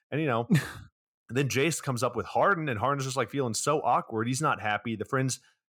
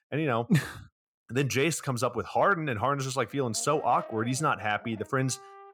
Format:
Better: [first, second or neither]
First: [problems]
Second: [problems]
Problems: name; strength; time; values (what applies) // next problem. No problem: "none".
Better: first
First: none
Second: background music; noticeable; from 3.5 s on; 20 dB below the speech